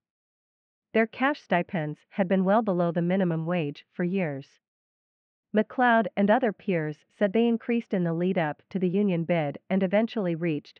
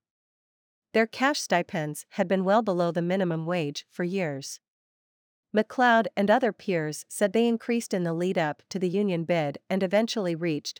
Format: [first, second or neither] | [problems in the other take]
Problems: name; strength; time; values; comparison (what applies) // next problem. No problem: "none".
second | muffled; very; fading above 2.5 kHz